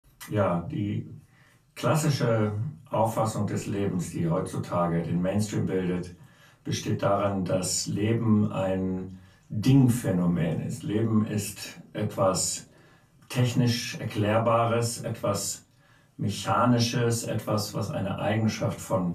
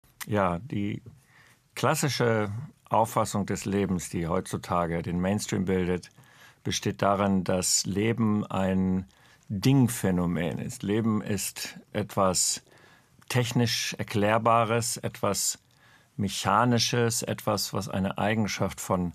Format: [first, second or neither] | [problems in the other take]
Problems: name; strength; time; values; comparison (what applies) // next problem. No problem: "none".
second | off-mic speech; far // room echo; slight; dies away in 0.3 s